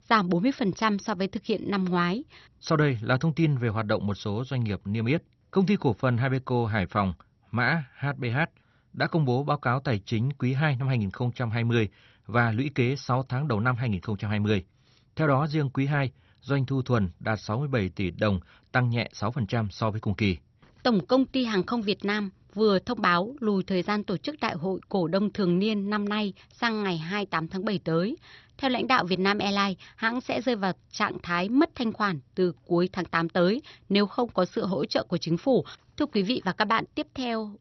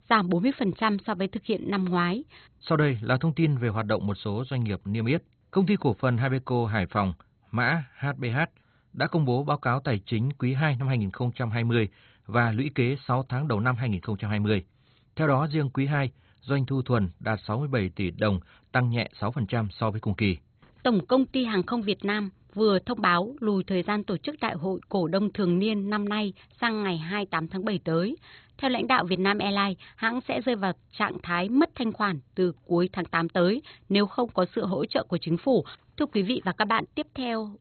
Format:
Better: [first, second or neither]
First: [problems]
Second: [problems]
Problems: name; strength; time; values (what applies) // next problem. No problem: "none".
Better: first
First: garbled, watery; slightly; nothing above 6 kHz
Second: garbled, watery; badly; nothing above 4 kHz